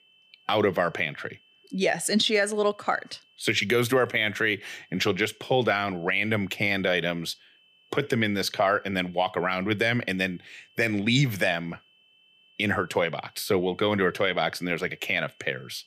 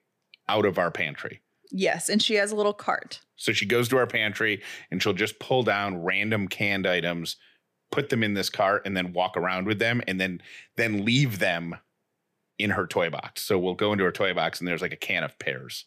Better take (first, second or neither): second